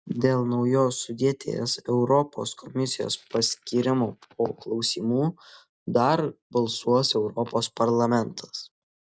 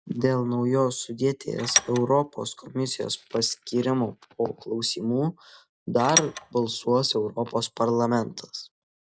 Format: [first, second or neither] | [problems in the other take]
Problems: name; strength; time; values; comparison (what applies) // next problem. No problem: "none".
first | background sound (Tools); 2 dB below the speech